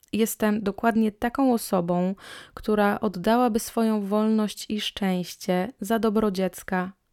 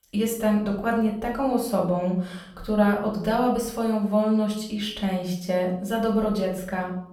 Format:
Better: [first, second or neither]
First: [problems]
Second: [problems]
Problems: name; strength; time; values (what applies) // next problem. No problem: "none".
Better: first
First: none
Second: off-mic speech; far // room echo; noticeable; dies away in 0.6 s